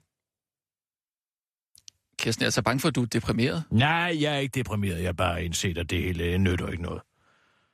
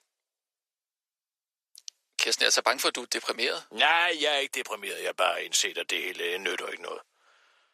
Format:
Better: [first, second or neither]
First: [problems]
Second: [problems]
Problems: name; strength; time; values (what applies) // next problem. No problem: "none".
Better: first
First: none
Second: thin; very; fading below 450 Hz